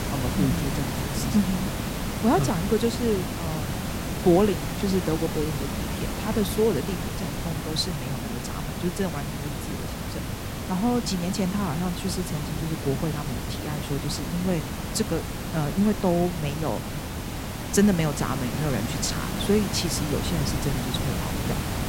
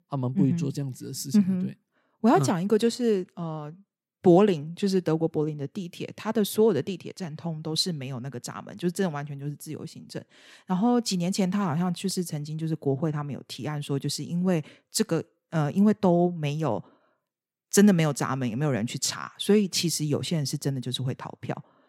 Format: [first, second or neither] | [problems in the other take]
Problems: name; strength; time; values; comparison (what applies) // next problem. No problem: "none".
second | hiss; loud; throughout; 3 dB below the speech